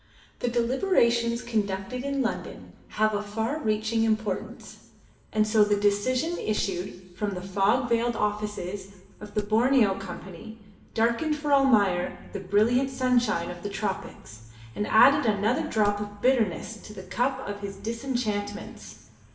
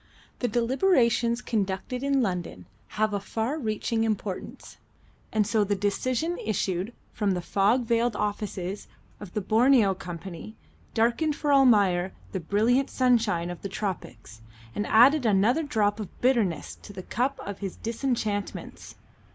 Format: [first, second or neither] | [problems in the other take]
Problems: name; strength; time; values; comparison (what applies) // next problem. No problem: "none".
second | background sound (Wood); 15 dB below the speech // room echo; dies away in 1 s